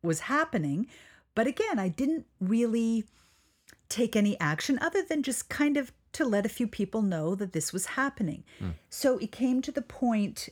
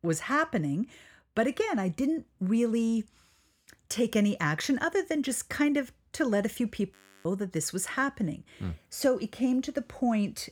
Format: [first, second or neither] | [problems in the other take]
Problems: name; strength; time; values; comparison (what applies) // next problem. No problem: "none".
first | audio freezing; at 7 s